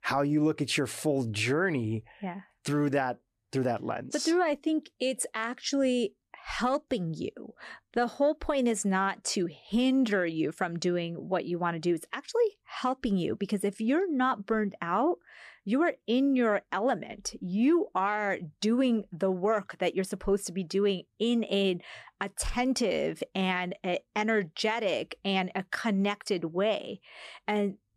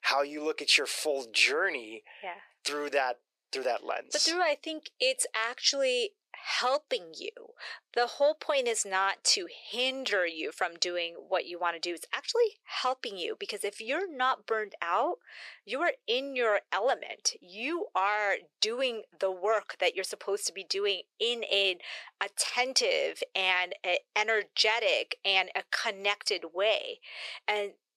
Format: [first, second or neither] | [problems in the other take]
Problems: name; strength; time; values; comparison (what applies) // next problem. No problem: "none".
first | thin; very; fading below 450 Hz